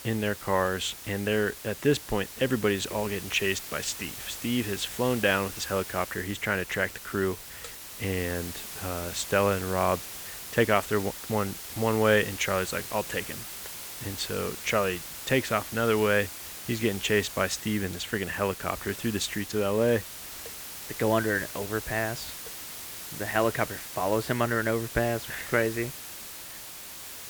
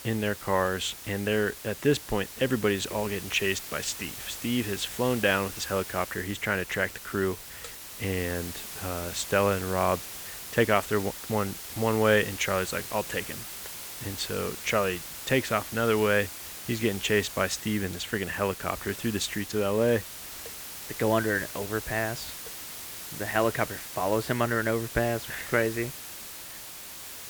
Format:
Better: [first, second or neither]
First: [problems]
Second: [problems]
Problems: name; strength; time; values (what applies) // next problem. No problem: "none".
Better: neither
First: hiss; loud; throughout; 9 dB below the speech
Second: hiss; loud; throughout; 9 dB below the speech